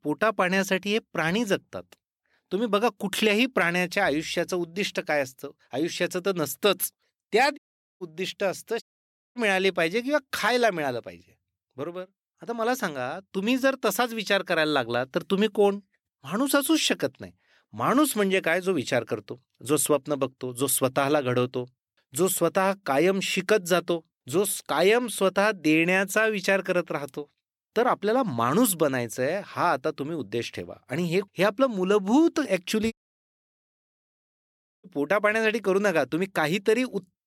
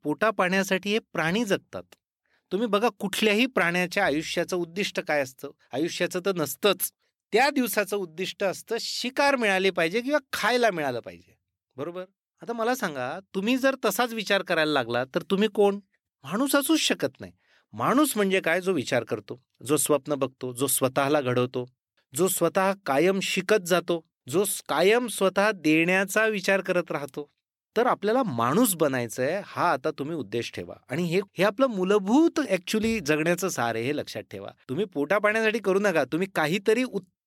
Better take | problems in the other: second | audio cutting out; at 7.5 s, at 9 s for 0.5 s and at 33 s for 2 s

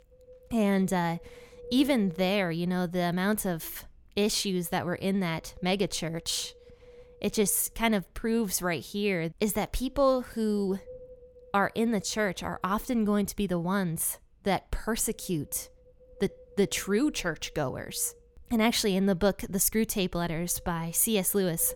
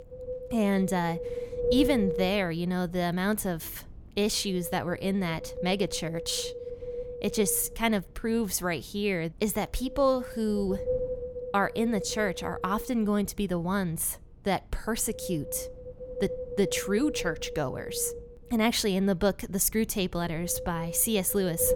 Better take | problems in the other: first | wind noise on the microphone; heavy; 7 dB below the speech; occasional gusts in the first

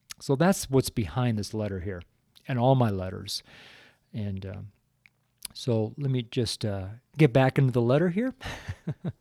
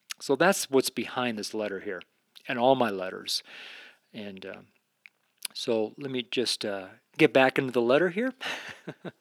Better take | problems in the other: first | thin; somewhat; fading below 250 Hz

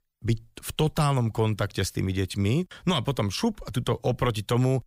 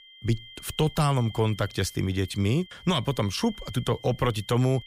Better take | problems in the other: first | high-pitched whine; noticeable; throughout; 3 kHz, 20 dB below the speech

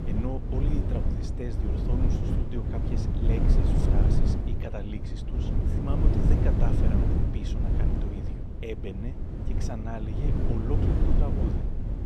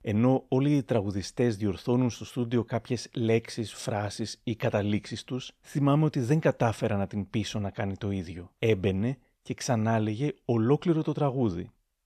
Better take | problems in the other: second | wind noise on the microphone; heavy; 3 dB above the speech

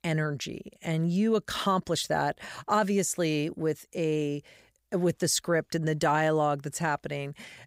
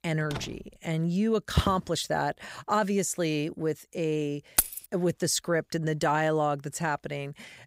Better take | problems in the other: first | door banging; faint; at 0.5 s; peak 10 dB below the speech // footsteps; noticeable; at 1.5 s; peak 1 dB below the speech // jangling keys; loud; at 4.5 s; peak 3 dB above the speech

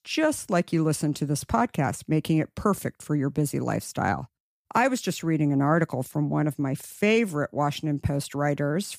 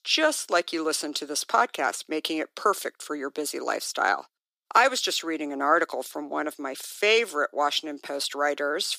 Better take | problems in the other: first | thin; very; fading below 350 Hz

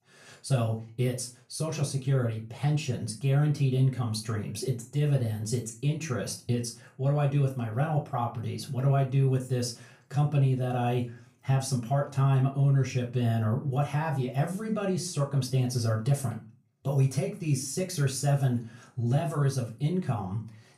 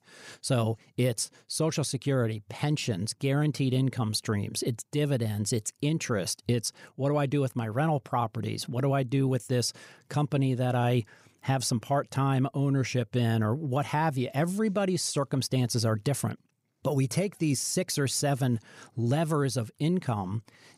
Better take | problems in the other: second | off-mic speech; far // room echo; very slight; dies away in 0.3 s

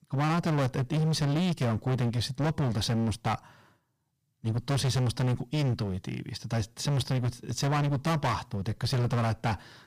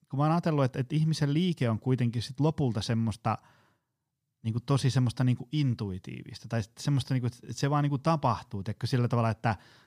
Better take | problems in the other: second | distortion; heavy; 25% of the sound clipped

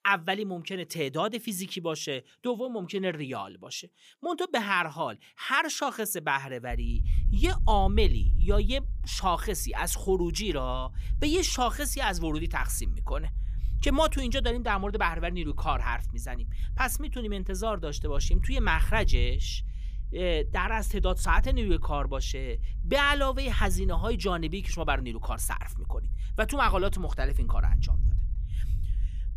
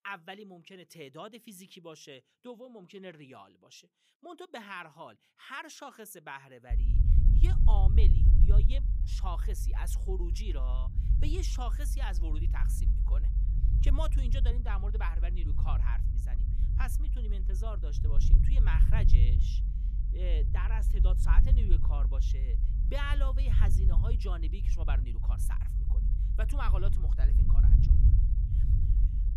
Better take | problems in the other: first | low rumble; loud; from 6.5 s on; 5 dB below the speech; faint in the first

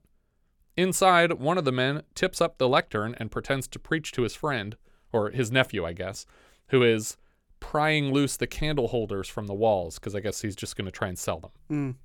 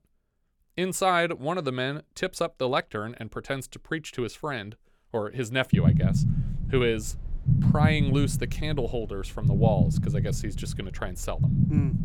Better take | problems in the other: first | low rumble; loud; from 5.5 s on; 5 dB below the speech

